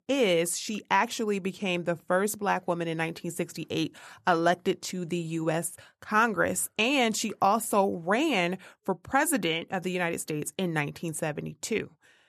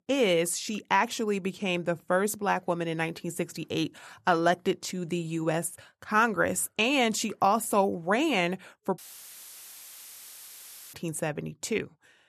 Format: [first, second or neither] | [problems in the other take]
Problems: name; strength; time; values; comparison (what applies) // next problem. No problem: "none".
first | audio cutting out; filled with static; at 9 s for 2 s